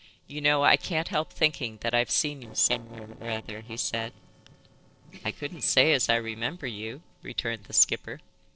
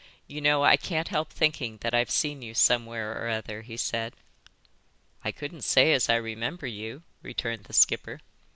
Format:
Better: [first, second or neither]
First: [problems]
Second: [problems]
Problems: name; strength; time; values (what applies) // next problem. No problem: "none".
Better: second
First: noise reduction (neural separator model SepFormer DNS4)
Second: none